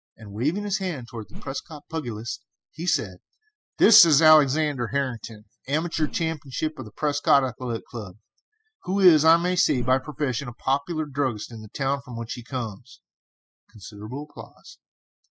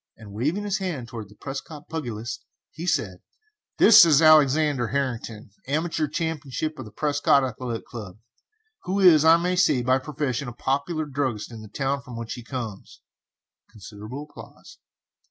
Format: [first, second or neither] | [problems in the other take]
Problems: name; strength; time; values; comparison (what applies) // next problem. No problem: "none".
second | noise reduction (classical method spectral subtraction)